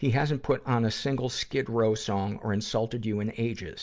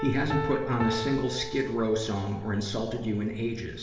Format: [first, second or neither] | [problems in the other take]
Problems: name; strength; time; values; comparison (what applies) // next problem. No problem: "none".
first | background sound (Piano); 9 dB below the speech // room echo; dies away in 1 s